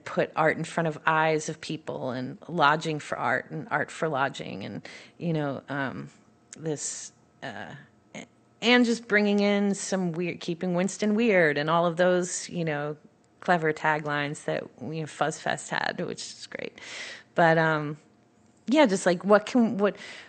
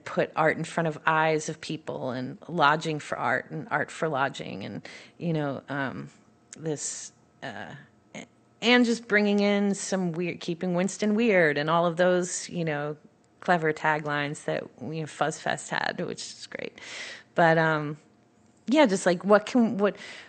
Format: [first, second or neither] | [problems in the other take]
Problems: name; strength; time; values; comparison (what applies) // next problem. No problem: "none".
neither | garbled, watery; slightly; nothing above 8.5 kHz; the same in both